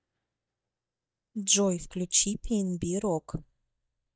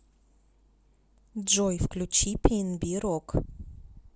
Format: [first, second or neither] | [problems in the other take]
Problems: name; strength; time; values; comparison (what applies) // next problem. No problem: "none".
second | noise reduction (neural mask model DeepFilterNet 3)